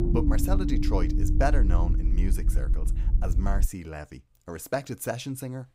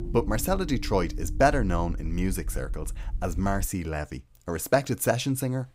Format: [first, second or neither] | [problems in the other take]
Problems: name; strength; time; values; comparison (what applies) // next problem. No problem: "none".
second | low rumble; loud; until 3.5 s; 5 dB below the speech; faint in the second